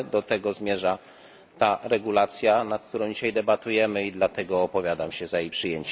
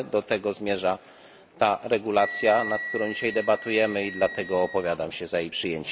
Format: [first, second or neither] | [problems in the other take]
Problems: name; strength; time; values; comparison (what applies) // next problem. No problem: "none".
first | background sound (Wind instrument, woodwind instrument); 12 dB below the speech